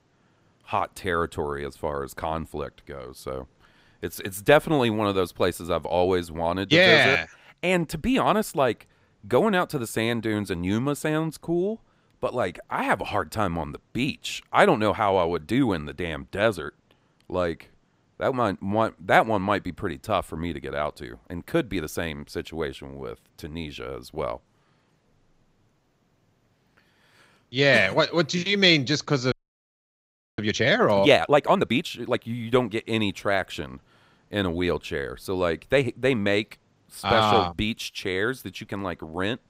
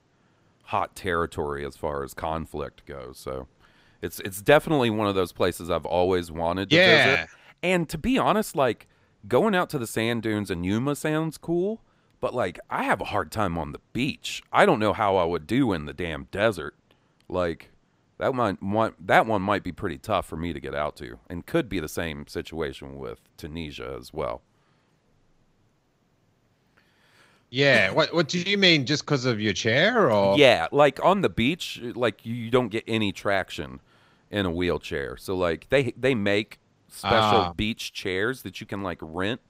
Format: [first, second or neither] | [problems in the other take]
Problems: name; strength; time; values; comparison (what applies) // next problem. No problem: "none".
second | audio freezing; at 29 s for 1 s